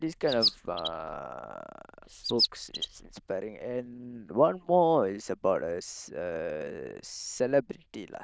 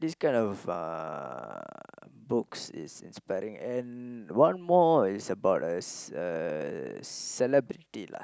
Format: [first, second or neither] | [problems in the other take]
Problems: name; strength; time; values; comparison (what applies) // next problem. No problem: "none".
second | noise reduction (neural diffusion model UNIVERSE++)